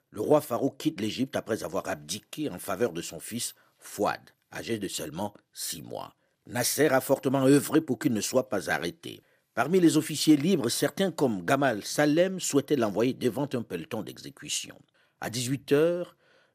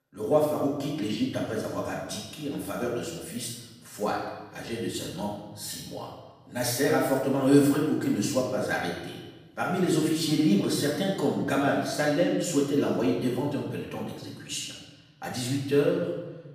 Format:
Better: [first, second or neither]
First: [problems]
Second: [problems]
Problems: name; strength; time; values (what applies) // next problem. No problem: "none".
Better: first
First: none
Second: off-mic speech; far // room echo; noticeable; dies away in 1.1 s